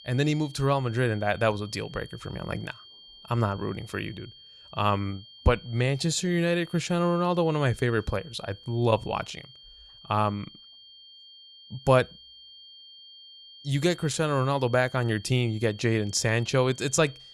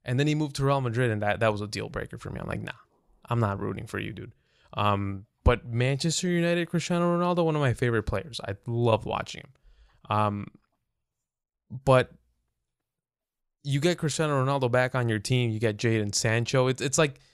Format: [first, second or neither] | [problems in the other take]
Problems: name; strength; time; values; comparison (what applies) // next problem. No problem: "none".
second | high-pitched whine; faint; throughout; 3 kHz, 20 dB below the speech